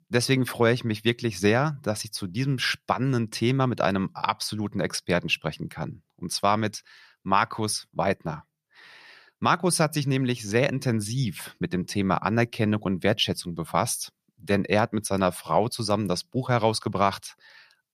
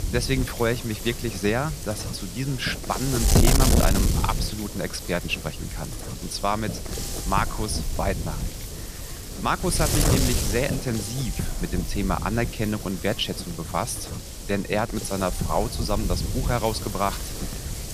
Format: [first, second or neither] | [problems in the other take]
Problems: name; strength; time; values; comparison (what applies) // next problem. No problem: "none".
first | wind noise on the microphone; heavy; 5 dB below the speech